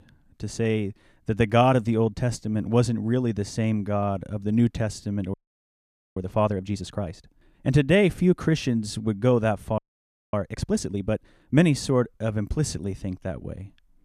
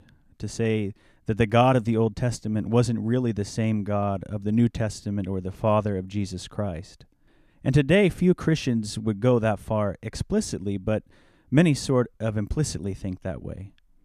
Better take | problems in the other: second | audio freezing; at 5.5 s for 1 s and at 10 s for 0.5 s

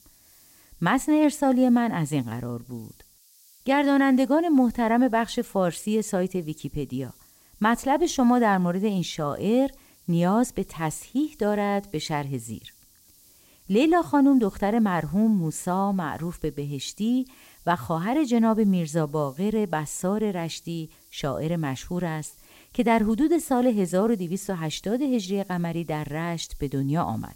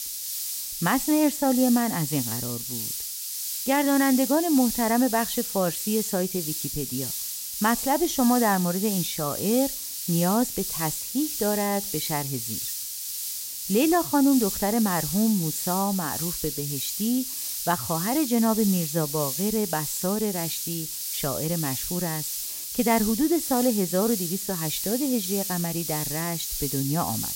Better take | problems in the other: first | hiss; loud; throughout; 3 dB below the speech; faint in the first

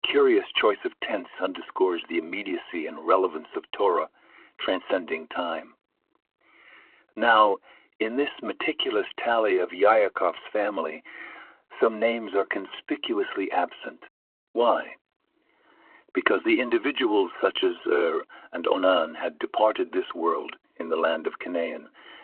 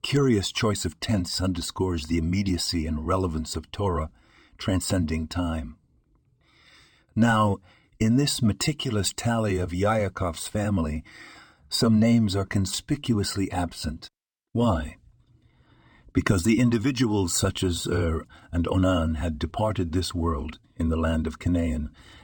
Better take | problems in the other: second | phone-call audio

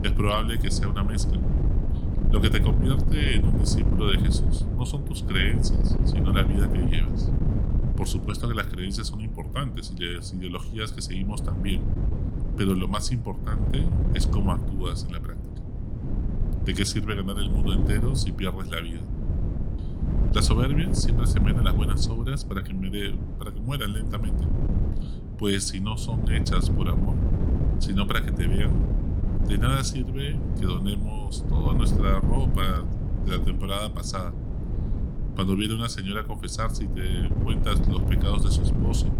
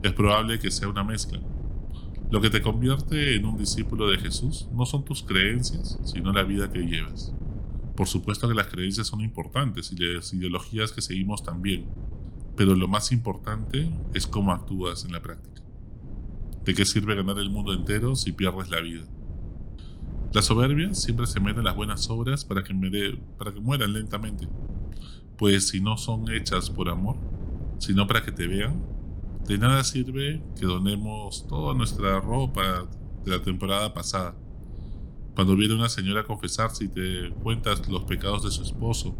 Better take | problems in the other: second | wind noise on the microphone; heavy; 6 dB below the speech; occasional gusts in the second

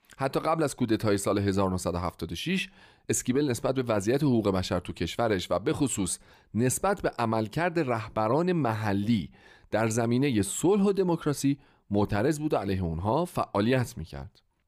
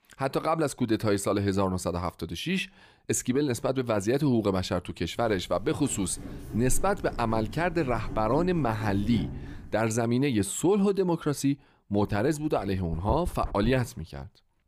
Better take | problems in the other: first | footsteps; noticeable; from 5.5 to 9.5 s; peak 7 dB below the speech // dog barking; noticeable; from 13 to 14 s; peak 8 dB below the speech

